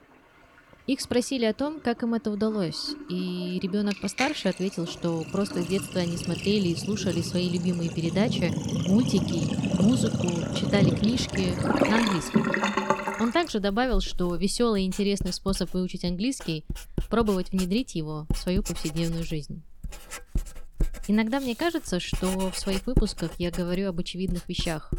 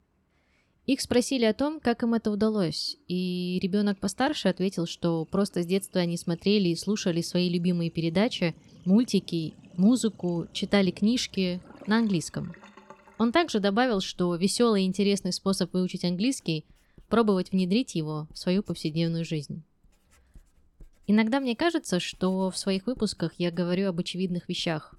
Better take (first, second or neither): second